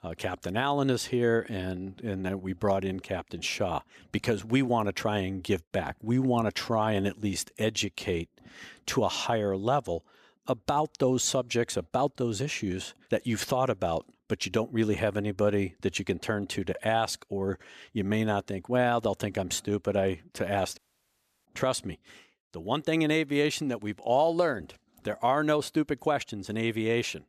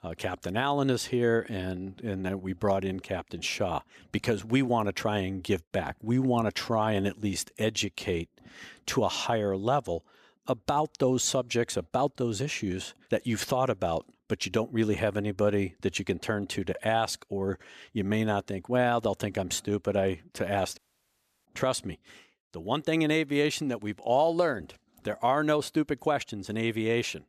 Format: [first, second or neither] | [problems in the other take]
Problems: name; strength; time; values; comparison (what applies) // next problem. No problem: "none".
neither | audio cutting out; at 21 s for 0.5 s; the same in both